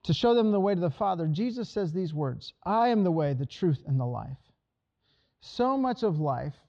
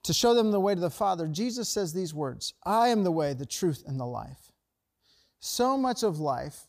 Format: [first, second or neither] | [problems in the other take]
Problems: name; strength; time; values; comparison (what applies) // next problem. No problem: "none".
second | muffled; slightly; fading above 3.5 kHz